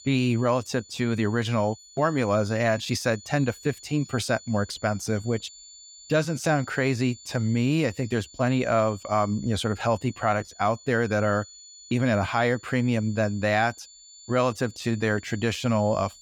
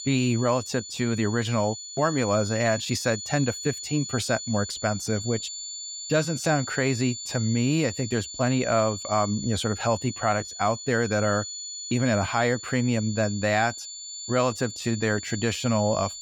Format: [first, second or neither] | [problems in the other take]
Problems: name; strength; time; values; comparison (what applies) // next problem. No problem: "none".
first | high-pitched whine; loud; throughout; 7 kHz, 9 dB below the speech; faint in the first